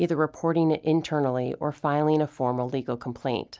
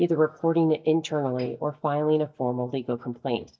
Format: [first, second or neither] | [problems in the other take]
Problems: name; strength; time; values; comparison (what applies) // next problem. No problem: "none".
first | noise reduction (neural mask model DeepFilterNet 3)